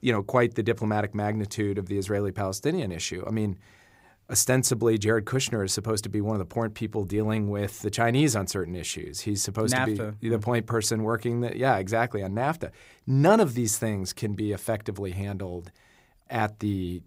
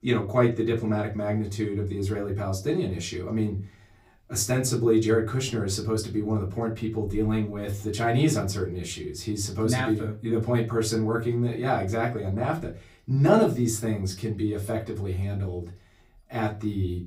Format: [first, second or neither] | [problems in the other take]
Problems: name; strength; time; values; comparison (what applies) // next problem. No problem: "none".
first | off-mic speech; far // room echo; very slight; dies away in 0.3 s